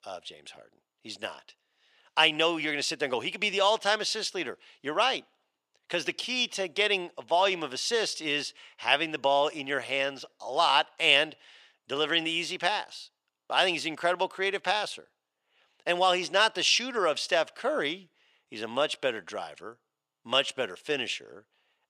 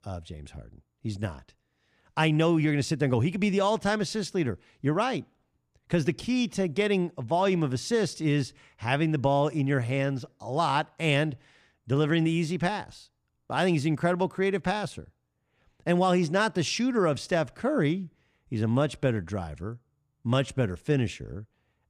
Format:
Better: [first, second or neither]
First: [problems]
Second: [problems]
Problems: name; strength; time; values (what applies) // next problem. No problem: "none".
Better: second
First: thin; very; fading below 600 Hz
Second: none